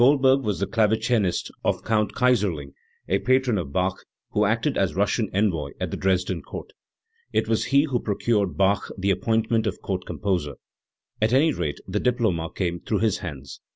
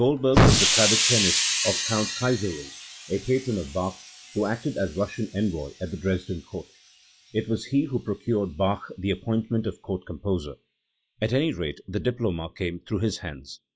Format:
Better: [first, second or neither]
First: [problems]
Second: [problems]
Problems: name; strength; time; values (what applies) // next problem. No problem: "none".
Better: first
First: none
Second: noise reduction (classical method log-MMSE)